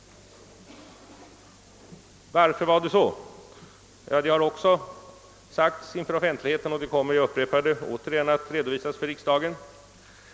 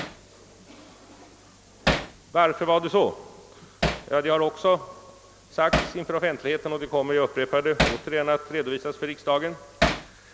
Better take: first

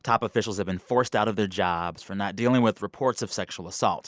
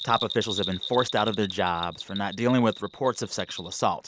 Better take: first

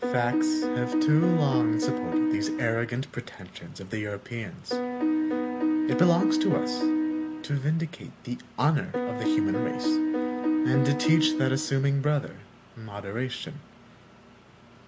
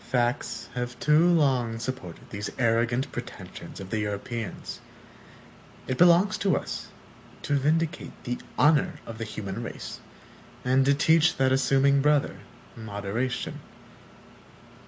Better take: second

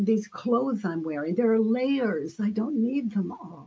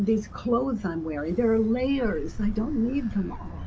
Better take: first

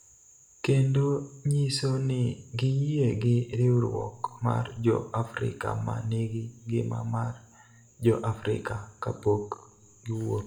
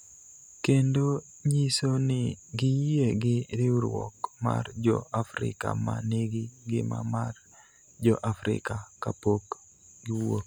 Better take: second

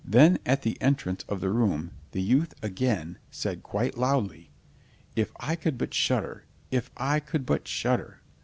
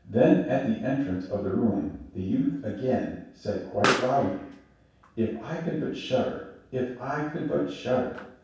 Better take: first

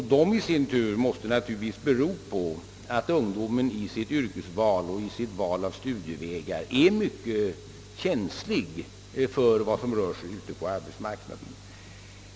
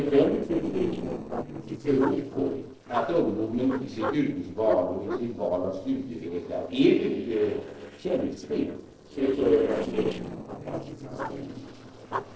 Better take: first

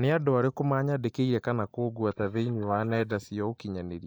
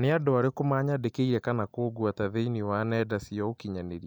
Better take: second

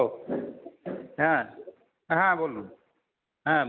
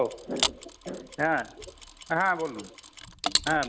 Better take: first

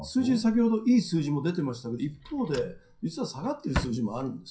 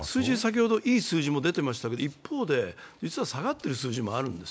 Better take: second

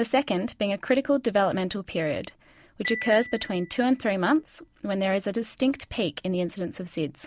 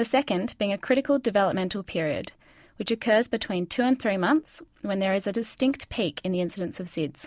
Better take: second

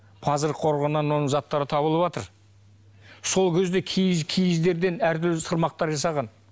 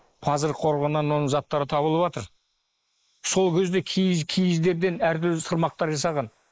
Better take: first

